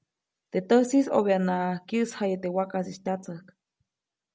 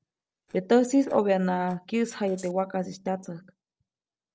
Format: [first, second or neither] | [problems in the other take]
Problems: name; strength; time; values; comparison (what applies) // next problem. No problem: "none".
first | noise reduction (neural separator model SepFormer DNS4)